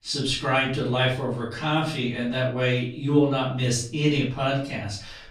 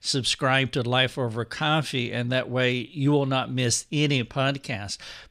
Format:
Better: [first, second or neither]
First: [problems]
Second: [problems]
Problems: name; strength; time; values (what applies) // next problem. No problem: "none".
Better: second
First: room echo; noticeable; dies away in 0.4 s // off-mic speech; far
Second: none